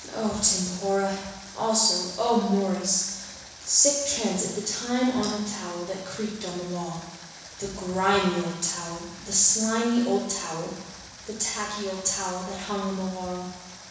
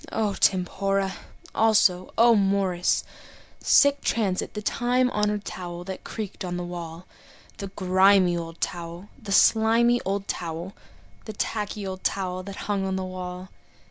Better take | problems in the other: second | background sound (Water); 18 dB below the speech // room echo; dies away in 1.1 s

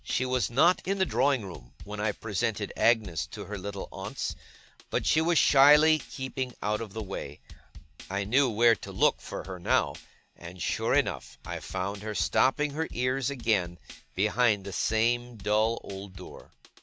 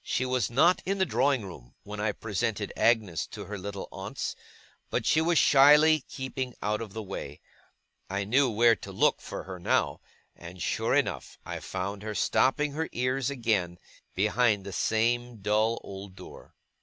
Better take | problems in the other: second | background sound (Drum kit); 16 dB below the speech

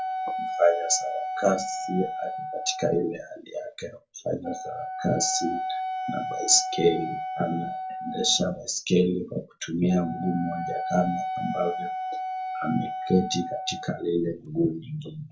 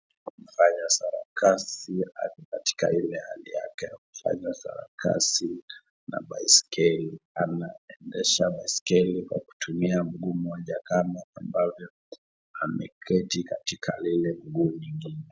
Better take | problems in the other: second | background sound (Wind instrument, woodwind instrument); 5 dB below the speech // room echo; dies away in 0.2 s

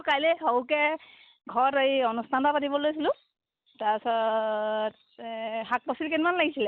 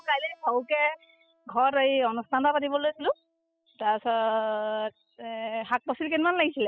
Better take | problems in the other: first | noise reduction (classical method spectral subtraction)

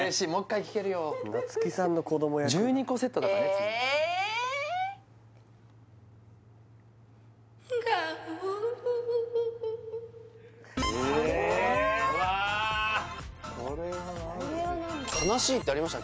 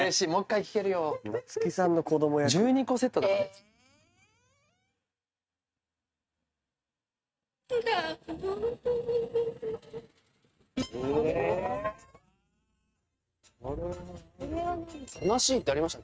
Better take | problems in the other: first | noise reduction (neural mask model RNNoise)

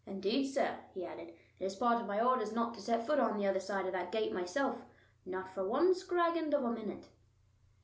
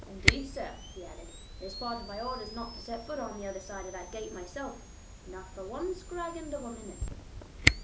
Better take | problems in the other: first | background sound (Camera); 4 dB above the speech

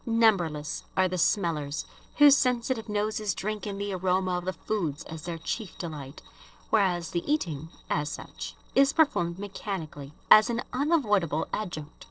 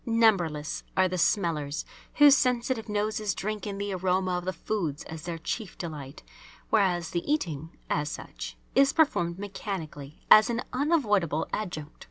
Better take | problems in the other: second | noise reduction (neural separator model SepFormer DNS4)

